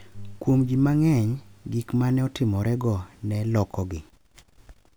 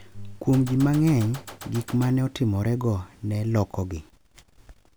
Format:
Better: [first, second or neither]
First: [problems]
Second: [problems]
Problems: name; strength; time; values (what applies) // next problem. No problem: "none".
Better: first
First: none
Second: background sound (Gunshot, gunfire); 17 dB below the speech